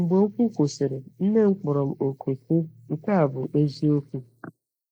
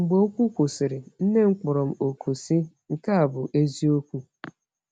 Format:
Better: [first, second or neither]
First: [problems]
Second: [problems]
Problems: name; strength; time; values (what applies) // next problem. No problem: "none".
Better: second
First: noise reduction (neural mask model Resemble Enhance denoiser)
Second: none